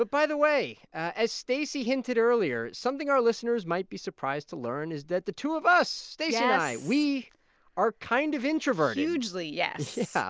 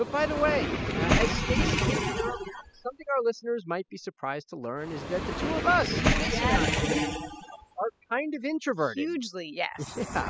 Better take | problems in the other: first | noise reduction (classical method spectral subtraction)

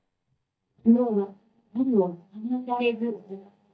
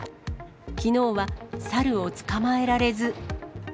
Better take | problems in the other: second | noise reduction (neural mask model DeepFilterNet 3)

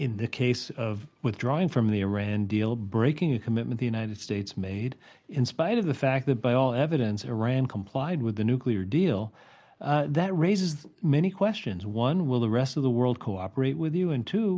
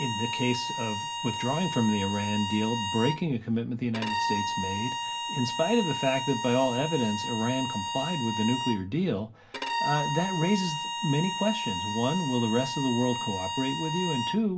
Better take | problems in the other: first | background sound (Bowed string instrument); 4 dB below the speech // room echo; dies away in 0.2 s

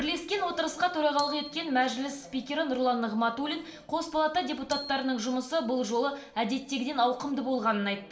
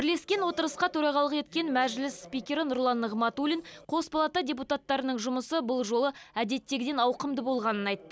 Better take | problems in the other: second | background sound (Glockenspiel); 18 dB below the speech // room echo; dies away in 0.8 s

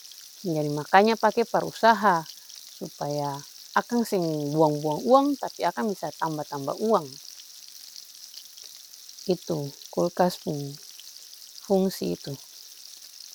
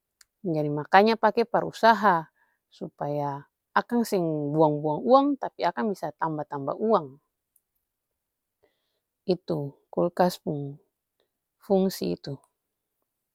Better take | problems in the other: second | background sound (Frying (food)); 18 dB below the speech

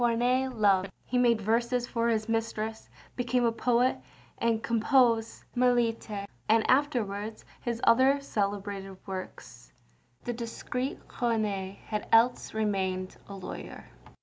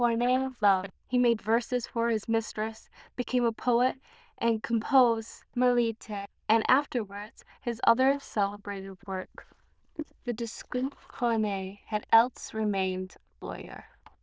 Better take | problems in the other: first | noise reduction (neural diffusion model UNIVERSE++)

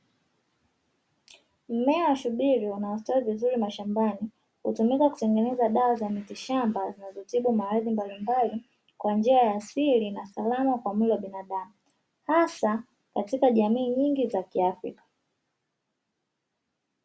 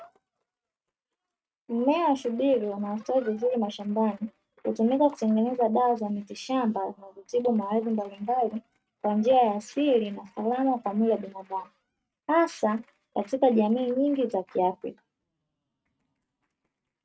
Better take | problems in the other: first | noise reduction (neural mask model RNNoise)

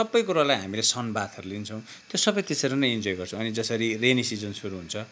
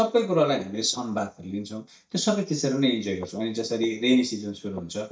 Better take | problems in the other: first | noise reduction (neural mask model DeepFilterNet 3)

